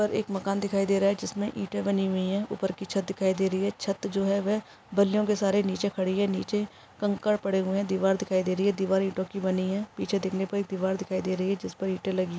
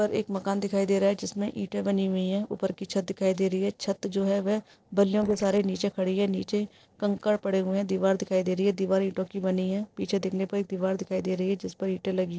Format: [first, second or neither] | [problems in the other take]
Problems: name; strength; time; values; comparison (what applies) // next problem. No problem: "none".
first | noise reduction (neural separator model SepFormer DNS4)